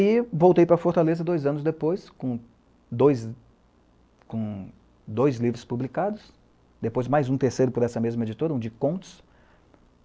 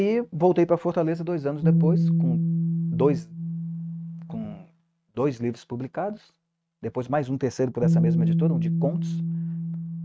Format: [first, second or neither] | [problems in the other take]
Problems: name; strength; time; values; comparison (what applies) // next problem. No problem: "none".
first | noise reduction (neural mask model RNNoise)